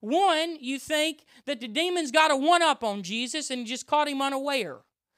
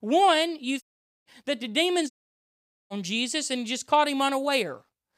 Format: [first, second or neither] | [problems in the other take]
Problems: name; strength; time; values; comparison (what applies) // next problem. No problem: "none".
first | audio cutting out; at 1 s and at 2 s for 1 s